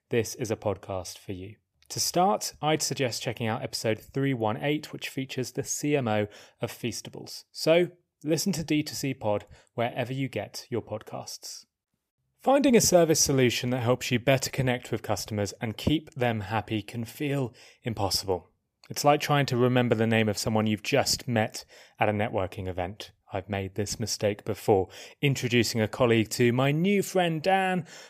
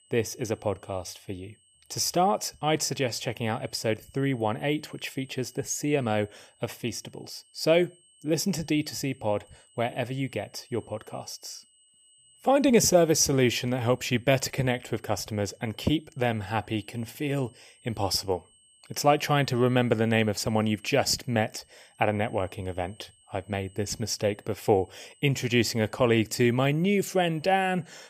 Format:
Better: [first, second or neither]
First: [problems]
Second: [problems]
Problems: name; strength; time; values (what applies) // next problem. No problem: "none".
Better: first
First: none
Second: high-pitched whine; faint; throughout; 8 kHz, 30 dB below the speech